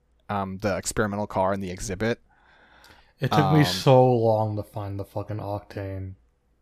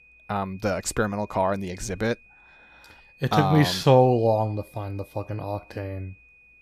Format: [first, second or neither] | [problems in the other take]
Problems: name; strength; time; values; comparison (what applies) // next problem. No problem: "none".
first | high-pitched whine; faint; throughout; 2.5 kHz, 30 dB below the speech